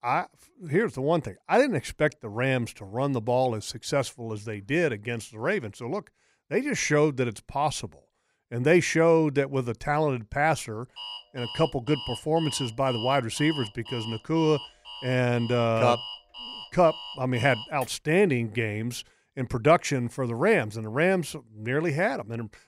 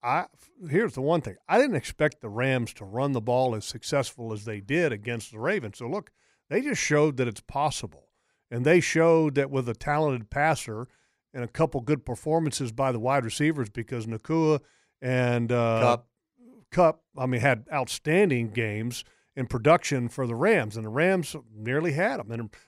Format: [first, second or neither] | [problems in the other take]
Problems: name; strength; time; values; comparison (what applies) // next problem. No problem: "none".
second | alarm; noticeable; from 11 to 18 s; peak 8 dB below the speech